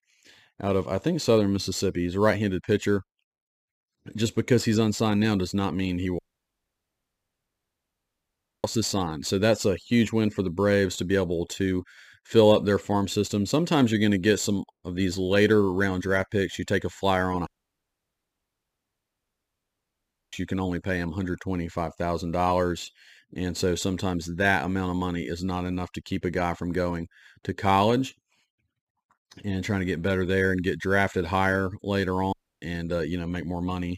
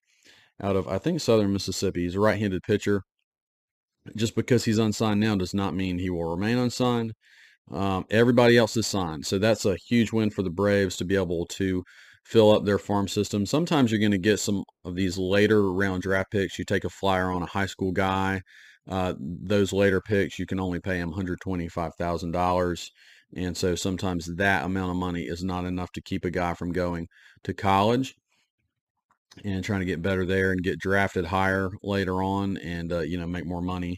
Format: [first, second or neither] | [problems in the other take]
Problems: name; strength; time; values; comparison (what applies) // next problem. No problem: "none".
second | audio cutting out; at 6 s for 2.5 s, at 17 s for 3 s and at 32 s